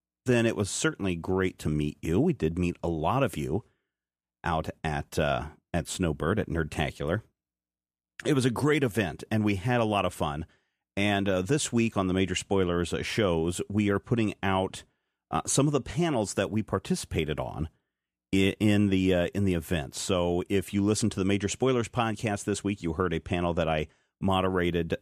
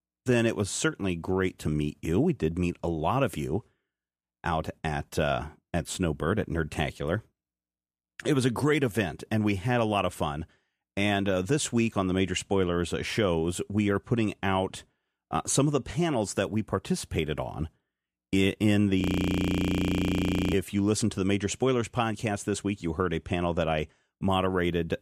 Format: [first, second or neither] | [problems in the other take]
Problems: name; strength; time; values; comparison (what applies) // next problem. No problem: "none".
first | audio freezing; at 19 s for 1.5 s